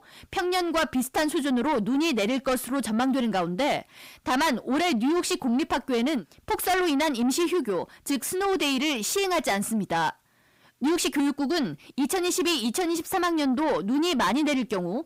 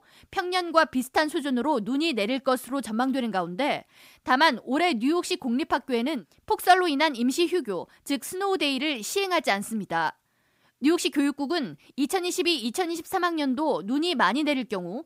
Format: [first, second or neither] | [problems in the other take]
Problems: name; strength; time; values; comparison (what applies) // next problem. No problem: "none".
second | distortion; heavy; 7 dB below the speech